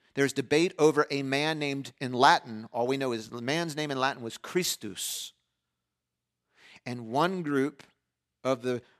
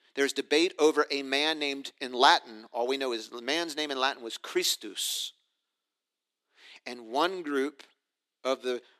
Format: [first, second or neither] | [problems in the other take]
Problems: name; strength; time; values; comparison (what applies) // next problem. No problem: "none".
first | thin; very slightly; fading below 300 Hz